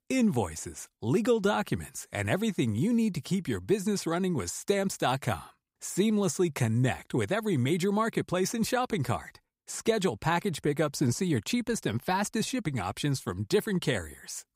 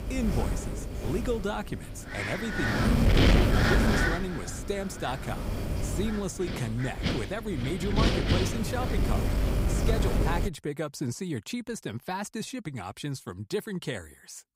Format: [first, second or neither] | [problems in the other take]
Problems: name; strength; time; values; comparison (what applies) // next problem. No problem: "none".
first | wind noise on the microphone; heavy; until 10 s; 4 dB above the speech